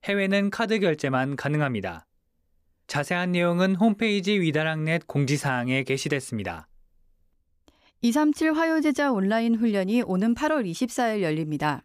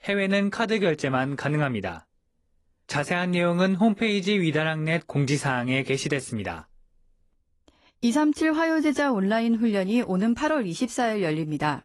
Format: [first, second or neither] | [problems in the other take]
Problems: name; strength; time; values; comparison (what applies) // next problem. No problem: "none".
first | garbled, watery; slightly; nothing above 11 kHz